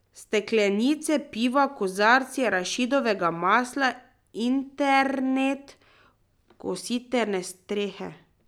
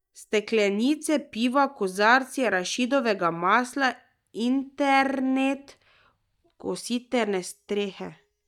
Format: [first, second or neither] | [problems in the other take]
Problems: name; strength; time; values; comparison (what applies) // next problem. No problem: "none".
first | noise reduction (neural mask model DeepFilterNet 3)